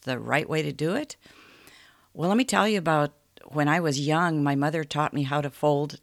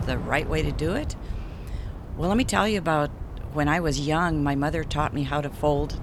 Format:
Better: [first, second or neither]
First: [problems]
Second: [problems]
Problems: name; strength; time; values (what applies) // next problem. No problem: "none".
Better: first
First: none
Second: wind noise on the microphone; occasional gusts; 20 dB below the speech